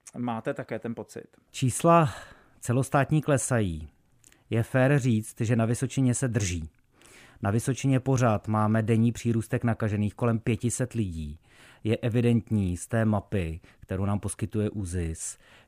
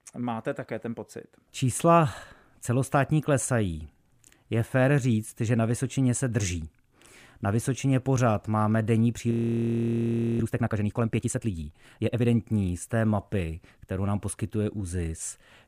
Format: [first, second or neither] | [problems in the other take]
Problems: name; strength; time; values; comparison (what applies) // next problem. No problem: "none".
first | audio freezing; at 9.5 s for 1 s